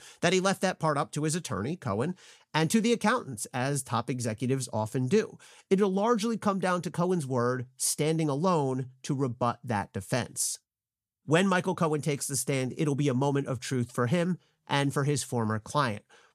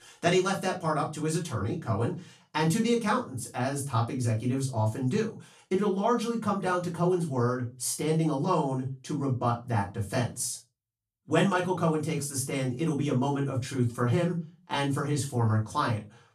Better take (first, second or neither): first